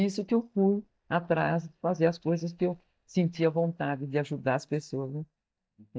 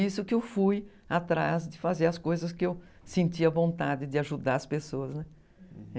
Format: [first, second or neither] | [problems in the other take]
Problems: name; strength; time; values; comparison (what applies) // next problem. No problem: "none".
second | noise reduction (neural mask model DeepFilterNet 3)